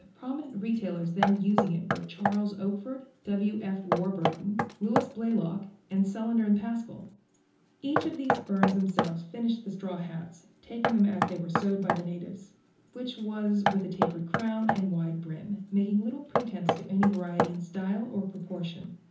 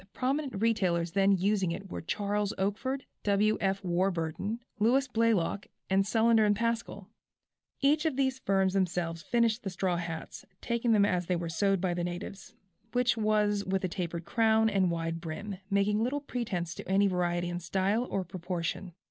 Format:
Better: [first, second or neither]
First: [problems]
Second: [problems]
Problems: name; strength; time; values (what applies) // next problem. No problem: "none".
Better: second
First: background sound (Knock); 4 dB below the speech // room echo; dies away in 0.6 s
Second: none